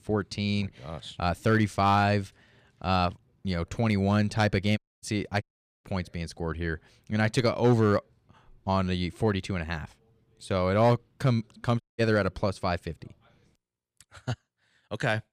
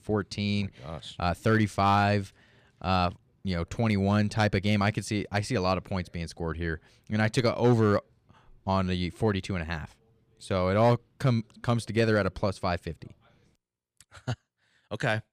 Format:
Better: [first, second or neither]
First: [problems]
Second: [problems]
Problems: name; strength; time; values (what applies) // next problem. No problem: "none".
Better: second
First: audio cutting out; at 5 s, at 5.5 s and at 12 s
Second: none